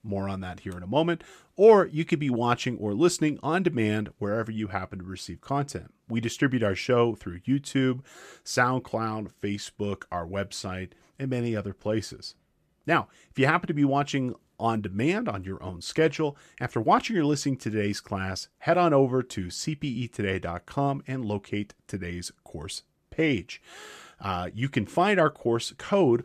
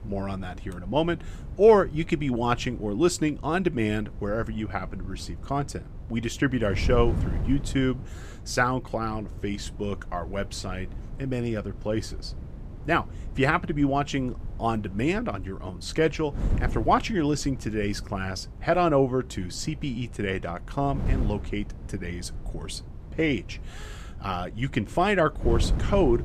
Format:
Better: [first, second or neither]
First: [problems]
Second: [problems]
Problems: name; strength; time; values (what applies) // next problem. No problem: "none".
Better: first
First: none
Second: wind noise on the microphone; occasional gusts; 20 dB below the speech